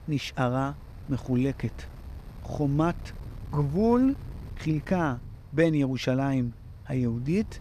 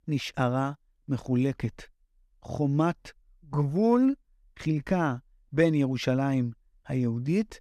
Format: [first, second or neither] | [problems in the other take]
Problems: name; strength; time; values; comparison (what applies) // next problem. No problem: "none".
second | wind noise on the microphone; occasional gusts; 25 dB below the speech